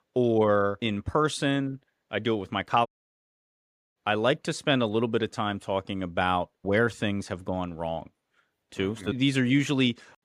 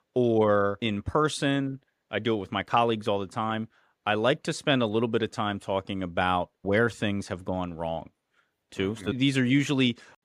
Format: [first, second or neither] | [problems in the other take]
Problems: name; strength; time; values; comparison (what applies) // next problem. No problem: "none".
second | audio cutting out; at 3 s for 1 s